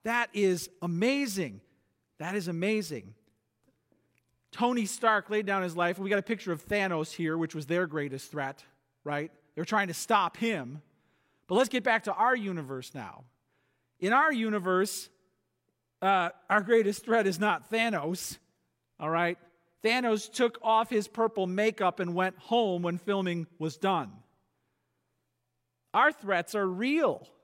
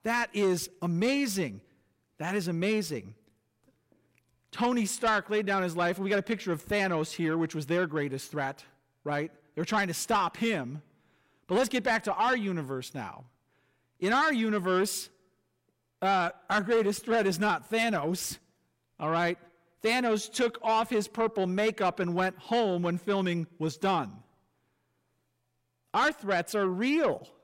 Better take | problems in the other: first | distortion; slight; 10 dB below the speech

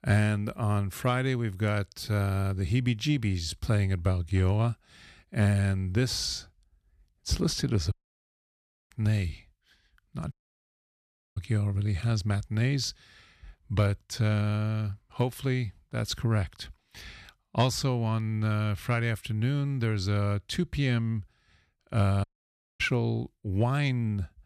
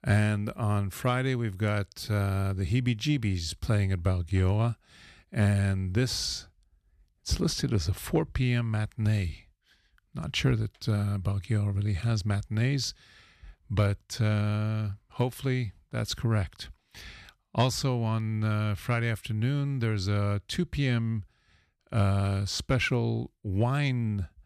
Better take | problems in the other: second | audio cutting out; at 8 s for 1 s, at 10 s for 1 s and at 22 s for 0.5 s

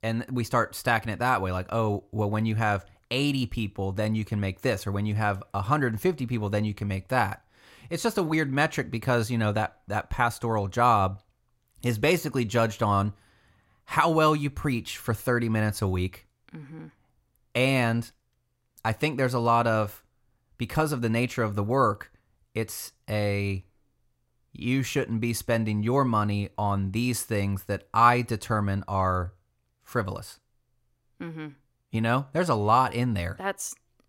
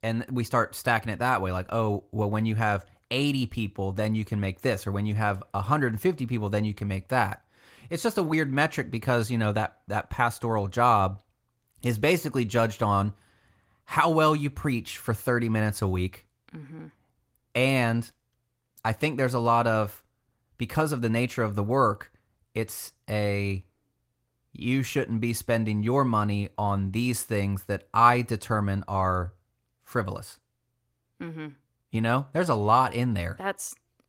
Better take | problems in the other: first | garbled, watery; slightly; nothing above 16 kHz

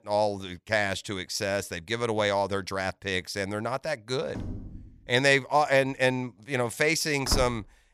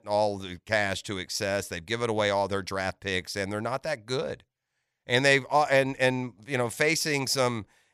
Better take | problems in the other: second | door banging; faint; at 4.5 s; peak 10 dB below the speech // door banging; noticeable; at 7.5 s; peak 6 dB below the speech

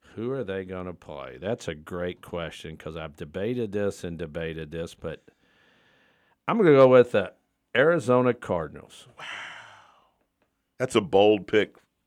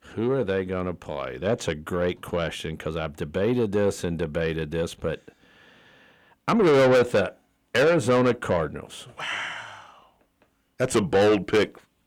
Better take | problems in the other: first | distortion; heavy; 6 dB below the speech

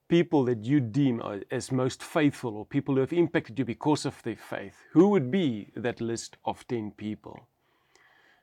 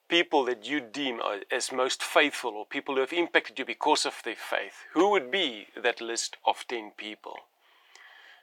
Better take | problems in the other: first | thin; very; fading below 500 Hz

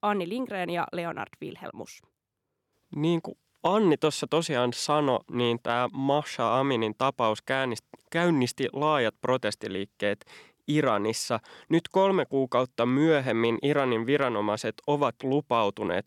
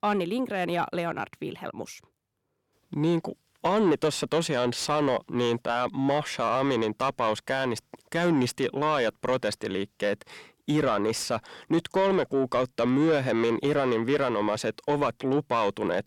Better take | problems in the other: first | distortion; slight; 10 dB below the speech

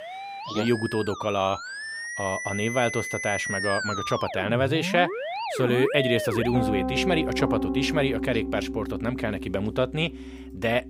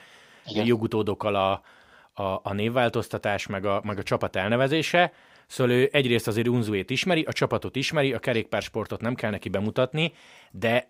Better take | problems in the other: second | background music; loud; throughout; 4 dB below the speech

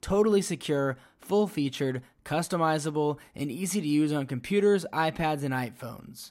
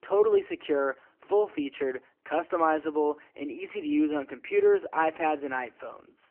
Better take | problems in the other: first | phone-call audio; nothing above 3 kHz

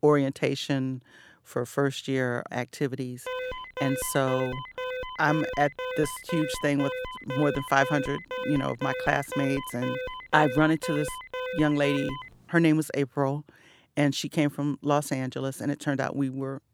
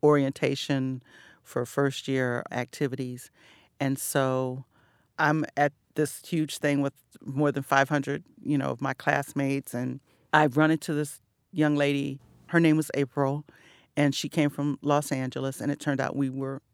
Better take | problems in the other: second | alarm; noticeable; from 3.5 to 12 s; peak 6 dB below the speech

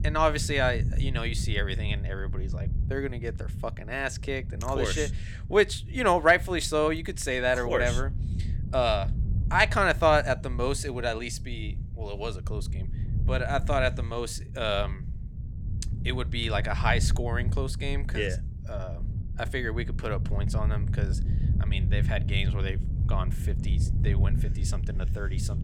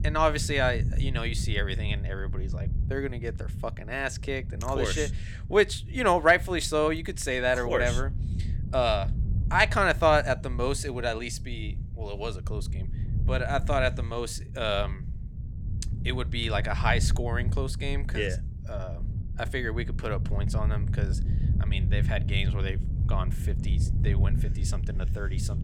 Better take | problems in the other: neither | wind noise on the microphone; occasional gusts; 20 dB below the speech; the same in both

